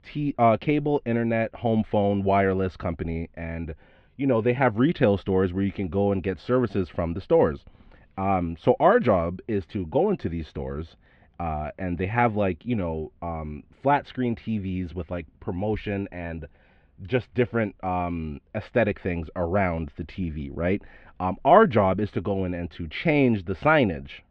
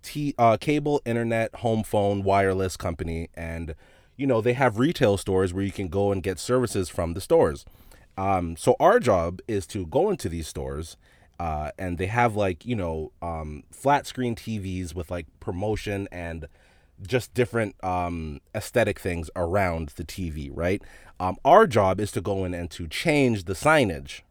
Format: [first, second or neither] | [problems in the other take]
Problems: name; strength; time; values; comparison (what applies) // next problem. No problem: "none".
second | muffled; very; fading above 3 kHz